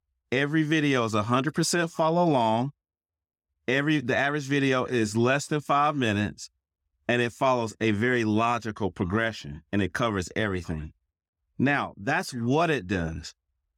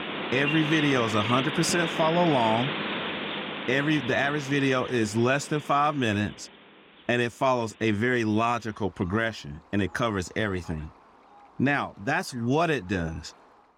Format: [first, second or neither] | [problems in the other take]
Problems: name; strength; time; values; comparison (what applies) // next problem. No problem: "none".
first | animal sounds; loud; throughout; 5 dB below the speech